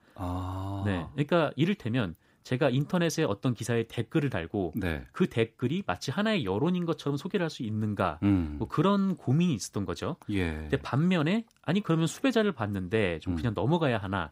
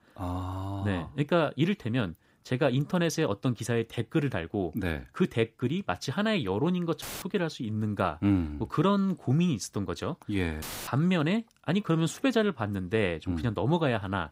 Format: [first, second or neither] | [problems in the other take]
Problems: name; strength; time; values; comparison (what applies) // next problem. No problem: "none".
first | audio cutting out; filled with static; at 7 s and at 11 s